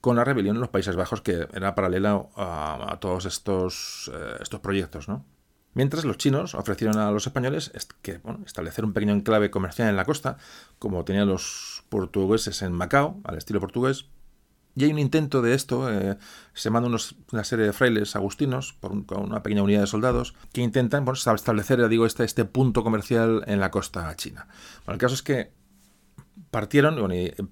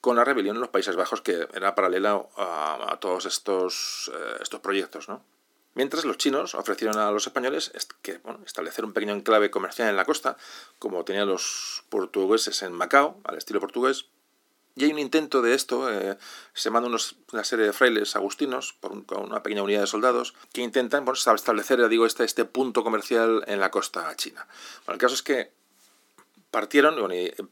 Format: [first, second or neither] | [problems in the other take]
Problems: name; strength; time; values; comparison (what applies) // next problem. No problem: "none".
first | thin; somewhat; fading below 300 Hz